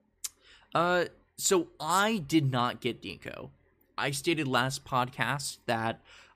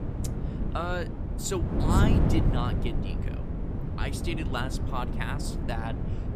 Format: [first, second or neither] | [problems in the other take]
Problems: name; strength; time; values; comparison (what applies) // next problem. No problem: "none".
first | wind noise on the microphone; heavy; 4 dB below the speech